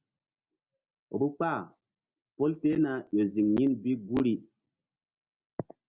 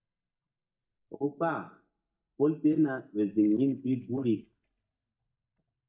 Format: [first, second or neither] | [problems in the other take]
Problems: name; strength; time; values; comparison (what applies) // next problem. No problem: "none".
first | noise reduction (neural mask model DeepFilterNet 3)